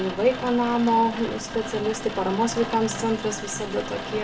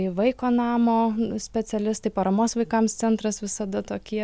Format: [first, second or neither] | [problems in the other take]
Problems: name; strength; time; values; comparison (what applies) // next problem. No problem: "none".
second | background sound (Rain); 9 dB below the speech // room echo; dies away in 0.3 s